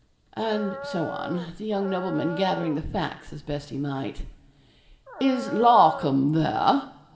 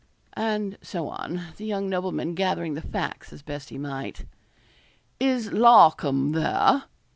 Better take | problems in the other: second | background sound (Dog); 11 dB below the speech // room echo; dies away in 2 s

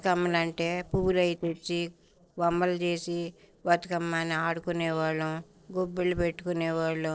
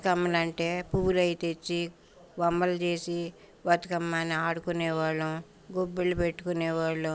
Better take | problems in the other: second | noise reduction (neural separator model SepFormer DNS4)

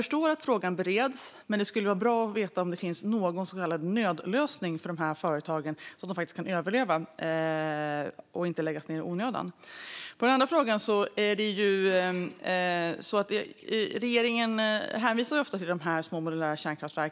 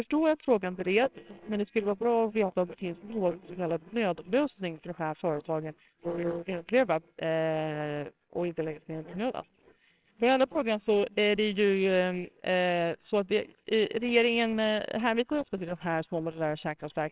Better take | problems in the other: first | noise reduction (neural separator model SepFormer WHAMR!)

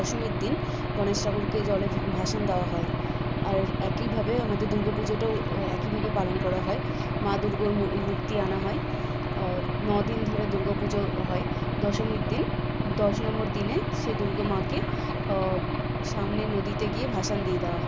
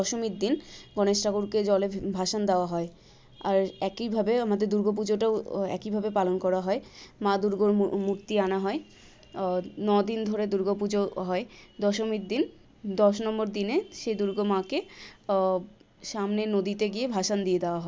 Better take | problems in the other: second | background sound (Engine / Aircraft); 2 dB above the speech

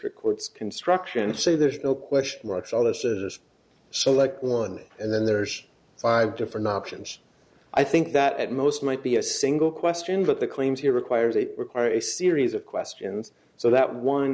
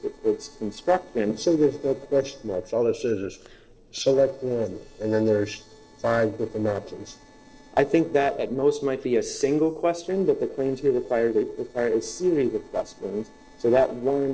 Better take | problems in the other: first | noise reduction (neural separator model SepFormer DNS4)

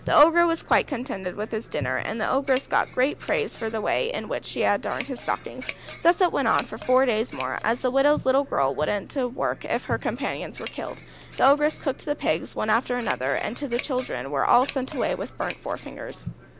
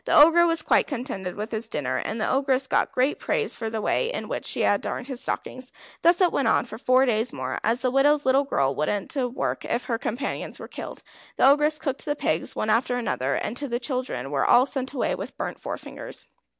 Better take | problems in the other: second | background sound (Scissors); 16 dB below the speech

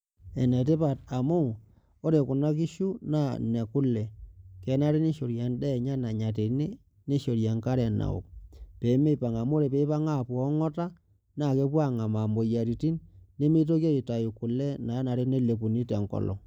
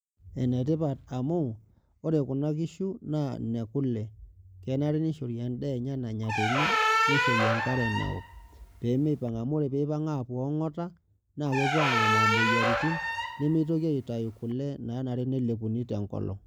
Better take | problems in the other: first | background sound (Squeak); 1 dB above the speech

